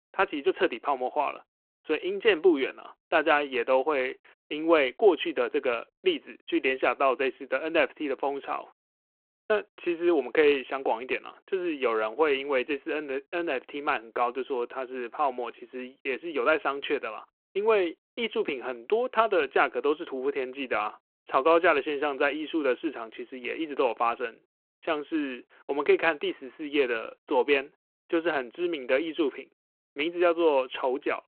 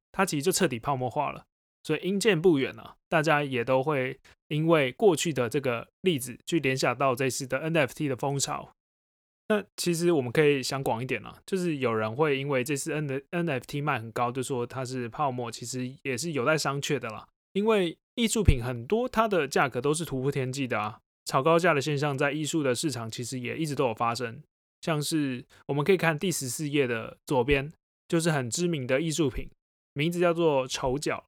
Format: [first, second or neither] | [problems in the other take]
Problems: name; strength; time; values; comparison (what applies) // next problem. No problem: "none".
second | phone-call audio